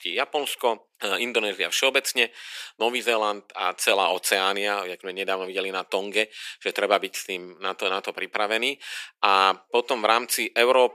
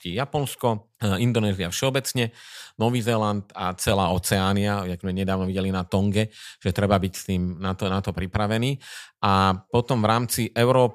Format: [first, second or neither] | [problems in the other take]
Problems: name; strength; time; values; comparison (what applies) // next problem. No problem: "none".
second | thin; very; fading below 300 Hz